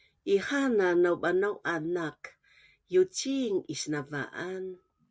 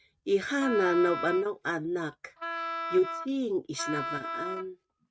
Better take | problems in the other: first | noise reduction (neural mask model RNNoise)

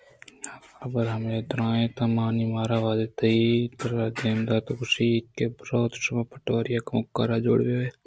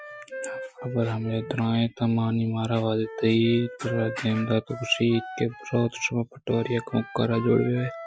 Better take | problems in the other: first | noise reduction (classical method Wiener filter)

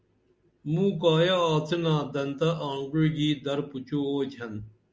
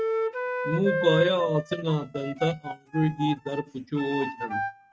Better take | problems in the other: first | noise reduction (neural mask model RNNoise)

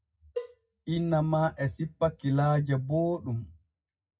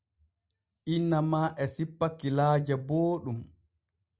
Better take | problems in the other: second | noise reduction (classical method WPE with log-MMSE)

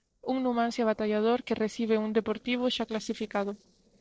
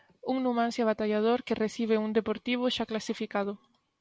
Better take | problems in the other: second | noise reduction (neural separator model SepFormer DNS4)

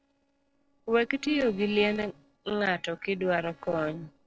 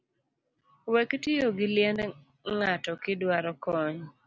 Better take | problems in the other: second | noise reduction (neural separator model SepFormer DNS4)

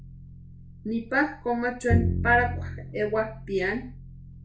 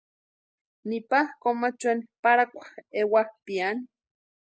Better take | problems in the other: second | background sound (Bowed string instrument); 3 dB below the speech // room echo; dies away in 0.3 s

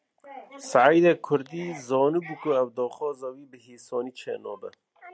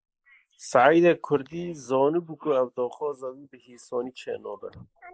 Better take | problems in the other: first | noise reduction (neural mask model Resemble Enhance denoiser)

